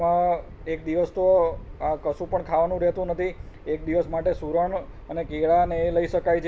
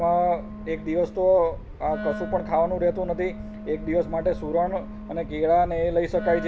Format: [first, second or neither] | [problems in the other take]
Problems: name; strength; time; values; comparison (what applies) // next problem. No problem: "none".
first | background sound (Wind instrument, woodwind instrument); 13 dB below the speech